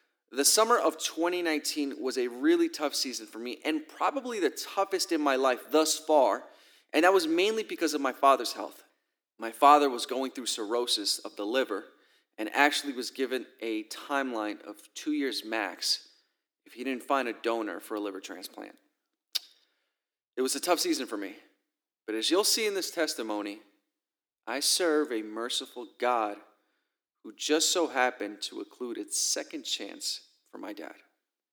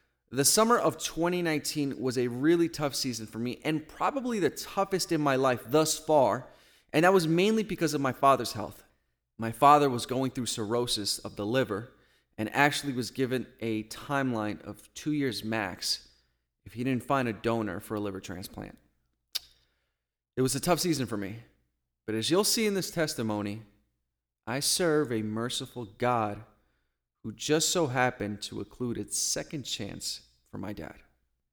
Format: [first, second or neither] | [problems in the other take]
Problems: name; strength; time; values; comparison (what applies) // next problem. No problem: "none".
second | thin; very slightly; fading below 300 Hz